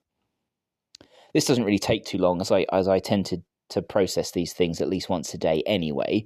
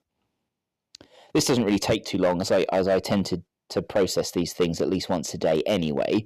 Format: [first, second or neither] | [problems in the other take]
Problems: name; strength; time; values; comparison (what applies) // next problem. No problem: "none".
first | distortion; slight; 4% of the sound clipped